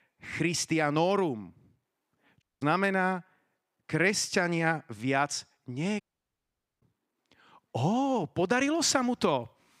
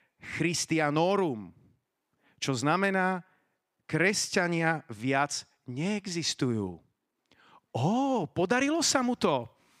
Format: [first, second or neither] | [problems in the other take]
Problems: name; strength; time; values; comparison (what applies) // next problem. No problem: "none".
second | audio cutting out; at 2.5 s and at 6 s for 1 s